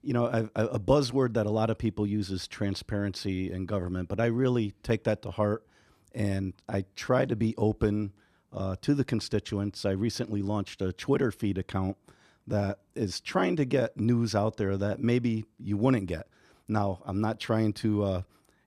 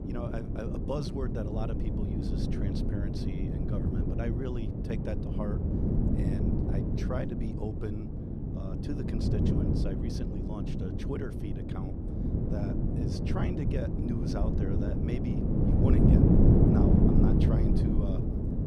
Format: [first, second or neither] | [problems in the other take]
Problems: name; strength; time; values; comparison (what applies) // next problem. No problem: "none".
first | wind noise on the microphone; heavy; 5 dB above the speech